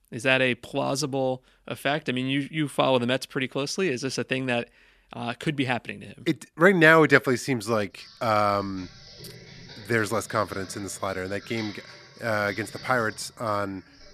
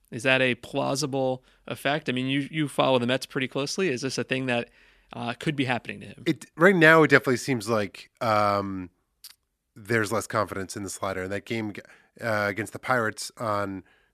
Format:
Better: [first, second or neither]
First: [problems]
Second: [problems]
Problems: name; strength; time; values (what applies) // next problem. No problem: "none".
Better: second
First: keyboard typing; faint; from 8 s on; peak 15 dB below the speech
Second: none